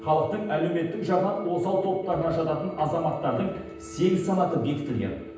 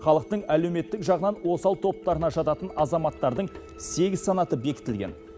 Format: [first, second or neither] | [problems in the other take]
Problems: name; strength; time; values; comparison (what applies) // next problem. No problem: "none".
second | room echo; dies away in 0.9 s